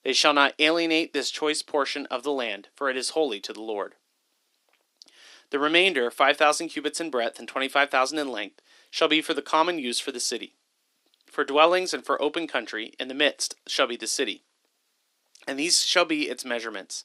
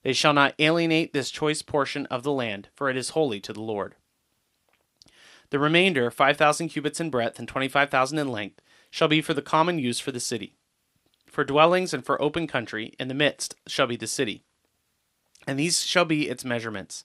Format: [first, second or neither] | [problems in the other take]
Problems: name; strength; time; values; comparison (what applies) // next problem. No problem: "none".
second | thin; very slightly; fading below 300 Hz